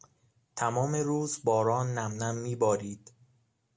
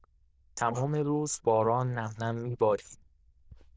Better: first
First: none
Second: noise reduction (neural diffusion model UNIVERSE++)

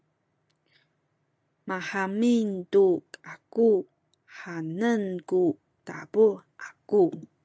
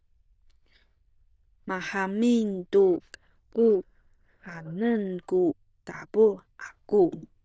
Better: first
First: none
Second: noise reduction (neural diffusion model UNIVERSE++)

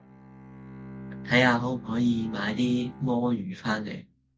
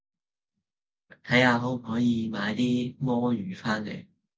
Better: second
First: background sound (Bowed string instrument); 16 dB below the speech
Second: none

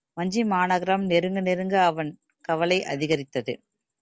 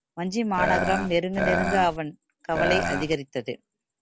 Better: first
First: none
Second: background sound (Burping, eructation); 1 dB above the speech

